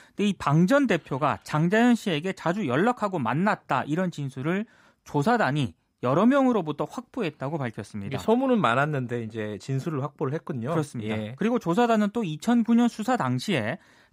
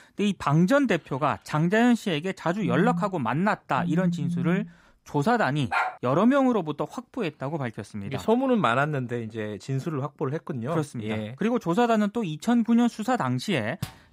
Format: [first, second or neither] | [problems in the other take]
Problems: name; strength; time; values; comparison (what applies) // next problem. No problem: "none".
first | phone ringing; noticeable; from 2.5 to 4.5 s; peak 3 dB below the speech // dog barking; noticeable; at 5.5 s; peak 2 dB below the speech // door banging; faint; at 14 s; peak 15 dB below the speech